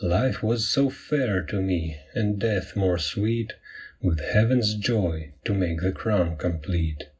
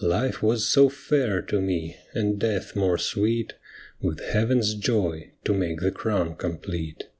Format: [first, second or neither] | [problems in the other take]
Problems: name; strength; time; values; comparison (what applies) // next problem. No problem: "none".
second | room echo; dies away in 0.4 s